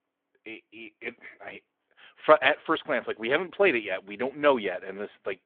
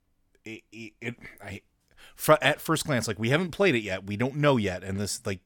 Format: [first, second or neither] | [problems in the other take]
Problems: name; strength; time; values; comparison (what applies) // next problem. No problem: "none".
second | phone-call audio